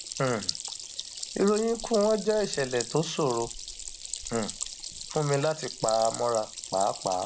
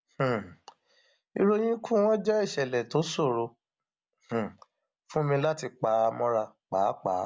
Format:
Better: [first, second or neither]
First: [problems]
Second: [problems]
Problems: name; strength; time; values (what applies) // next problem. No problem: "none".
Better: second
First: background sound (Stream); 9 dB below the speech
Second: none